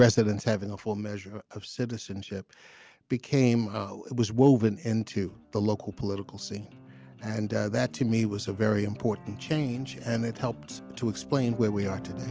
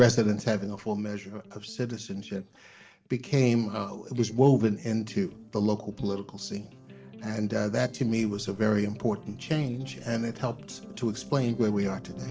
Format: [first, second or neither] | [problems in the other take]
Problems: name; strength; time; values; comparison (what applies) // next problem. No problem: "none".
first | noise reduction (neural separator model SepFormer DNS4)